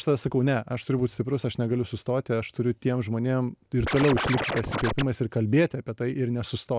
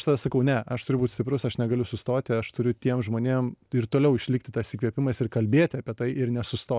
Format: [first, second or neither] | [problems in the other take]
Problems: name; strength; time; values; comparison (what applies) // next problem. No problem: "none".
second | background sound (Scratching (performance technique)); 3 dB below the speech